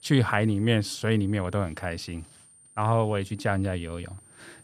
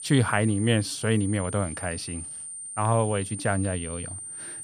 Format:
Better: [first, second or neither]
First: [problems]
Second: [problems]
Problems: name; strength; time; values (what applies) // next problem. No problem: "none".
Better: first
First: high-pitched whine; faint; throughout; 9 kHz, 25 dB below the speech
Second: high-pitched whine; loud; throughout; 9 kHz, 9 dB below the speech